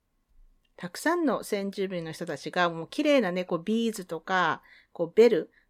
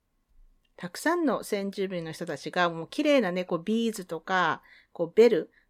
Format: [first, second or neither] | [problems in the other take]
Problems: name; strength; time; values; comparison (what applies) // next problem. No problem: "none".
neither | none